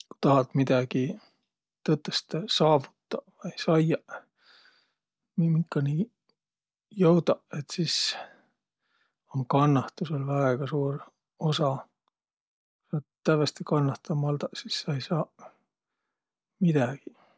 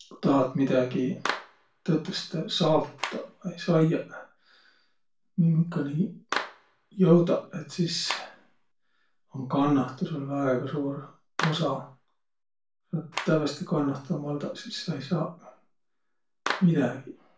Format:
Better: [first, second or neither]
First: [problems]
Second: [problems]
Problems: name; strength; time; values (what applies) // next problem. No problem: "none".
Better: first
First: none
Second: background sound (Clapping); 13 dB below the speech // room echo; dies away in 0.3 s